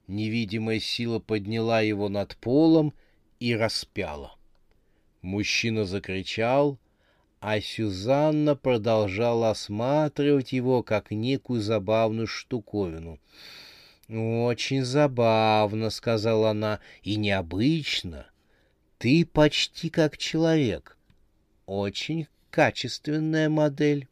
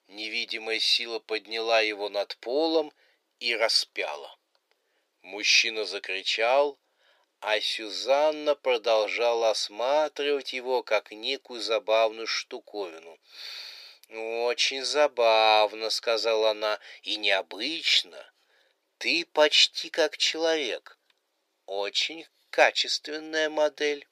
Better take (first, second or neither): first